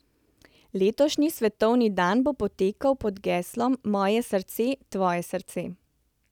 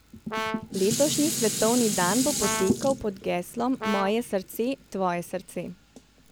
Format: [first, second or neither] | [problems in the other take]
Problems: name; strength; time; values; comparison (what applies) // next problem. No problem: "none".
first | background sound (Brass instrument + Dishes, pots, and pans); 4 dB below the speech